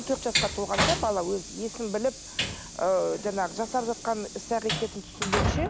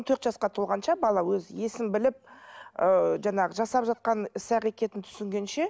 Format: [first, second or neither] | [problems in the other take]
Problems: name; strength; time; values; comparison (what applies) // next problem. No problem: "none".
second | background sound (Train); 2 dB below the speech